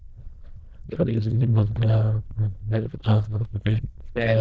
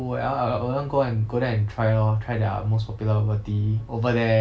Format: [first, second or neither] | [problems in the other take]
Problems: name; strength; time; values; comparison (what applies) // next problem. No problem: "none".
second | noise reduction (neural diffusion model UNIVERSE++)